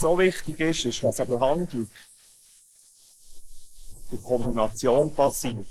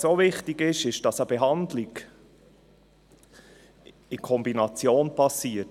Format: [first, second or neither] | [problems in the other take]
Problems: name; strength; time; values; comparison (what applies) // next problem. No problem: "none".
second | noise reduction (neural mask model Resemble Enhance denoiser)